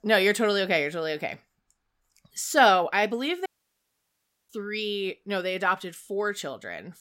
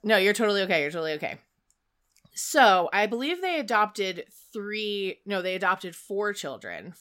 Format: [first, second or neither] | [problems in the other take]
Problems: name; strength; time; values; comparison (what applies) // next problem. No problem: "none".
second | audio cutting out; at 3.5 s for 1 s